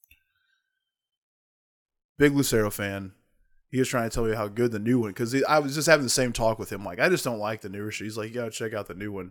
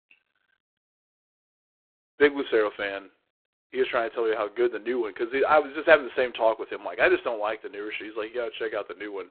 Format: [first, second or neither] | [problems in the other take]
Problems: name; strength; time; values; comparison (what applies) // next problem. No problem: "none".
first | phone-call audio; poor line; nothing above 4 kHz